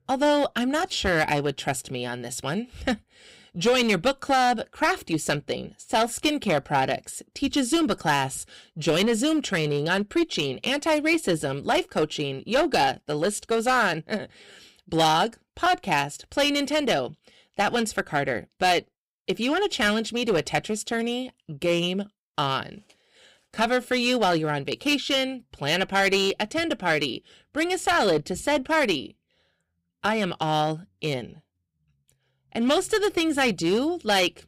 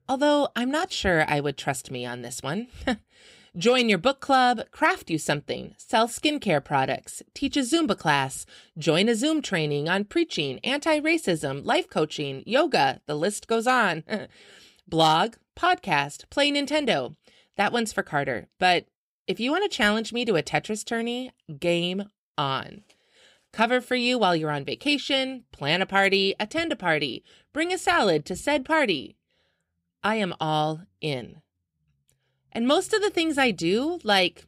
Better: second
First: distortion; slight; 5% of the sound clipped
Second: none

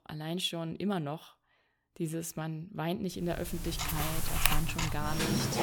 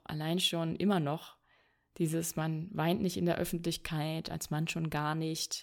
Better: second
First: household noises; very faint; from 3.5 s on; 4 dB above the speech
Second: none

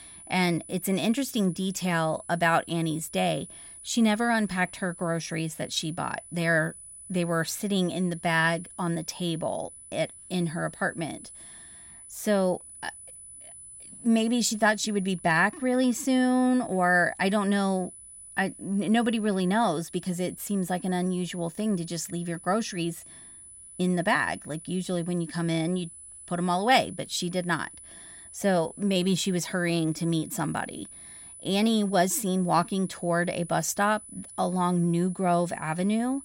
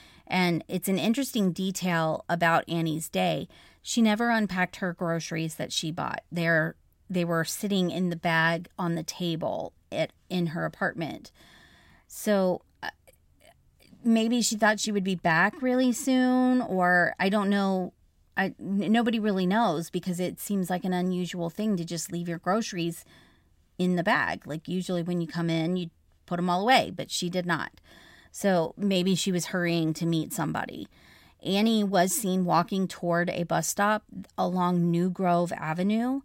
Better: second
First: high-pitched whine; noticeable; throughout; 10 kHz, 15 dB below the speech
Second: none

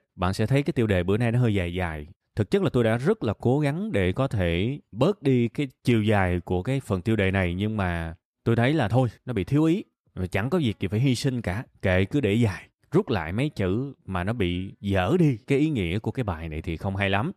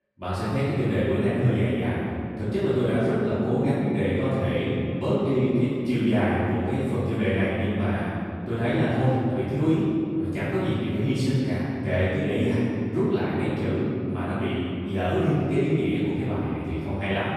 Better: first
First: none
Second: room echo; strong; dies away in 2.8 s // off-mic speech; far

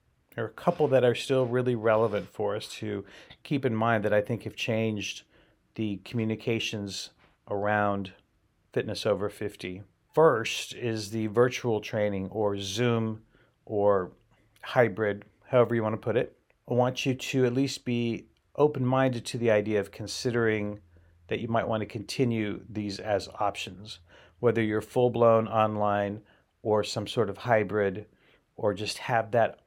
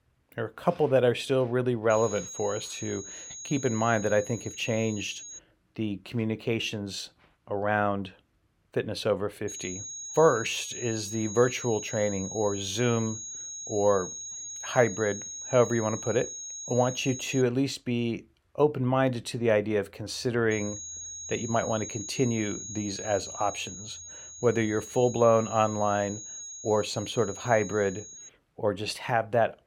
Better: first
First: none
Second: high-pitched whine; loud; from 2 to 5.5 s, from 9.5 to 17 s and from 21 to 28 s; 6.5 kHz, 9 dB below the speech

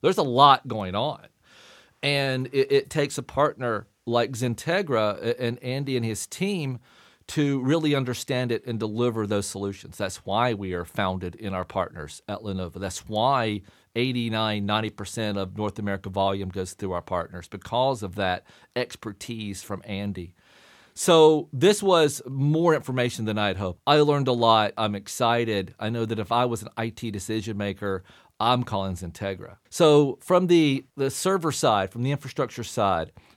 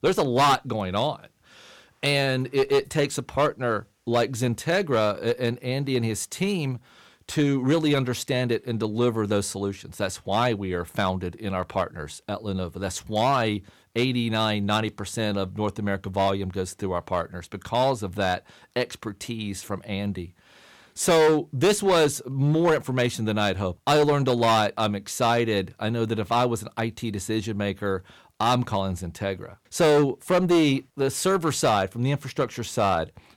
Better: first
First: none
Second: distortion; slight; 5% of the sound clipped

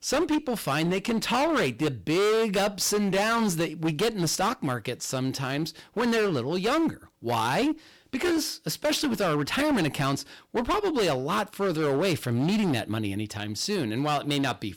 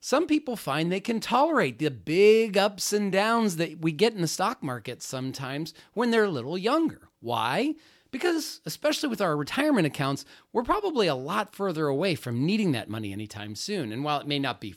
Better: second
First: distortion; heavy; 19% of the sound clipped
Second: none

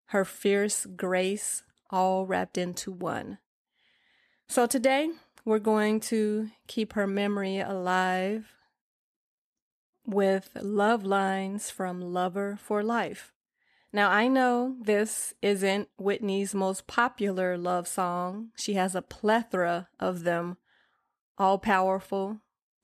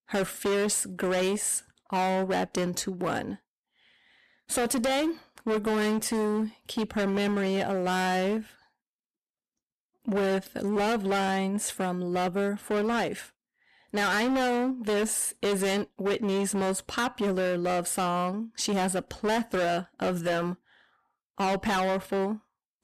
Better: first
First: none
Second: distortion; heavy; 20% of the sound clipped

